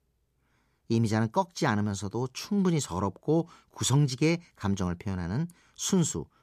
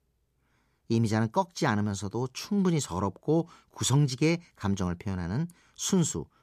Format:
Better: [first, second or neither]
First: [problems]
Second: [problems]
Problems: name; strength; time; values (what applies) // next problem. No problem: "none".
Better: neither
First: none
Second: none